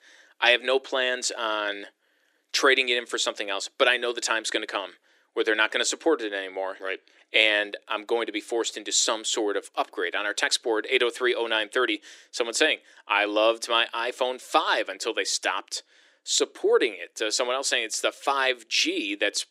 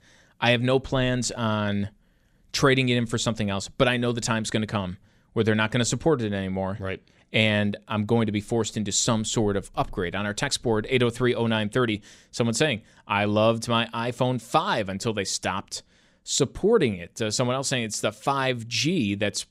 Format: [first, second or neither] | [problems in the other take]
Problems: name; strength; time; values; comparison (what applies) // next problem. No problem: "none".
second | thin; very; fading below 300 Hz